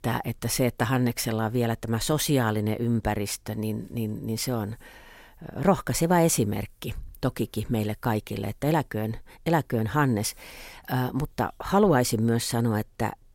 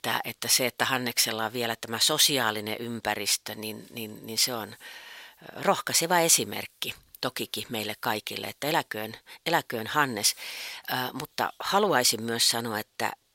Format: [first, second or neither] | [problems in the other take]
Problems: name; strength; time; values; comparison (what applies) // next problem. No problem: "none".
first | thin; somewhat; fading below 1 kHz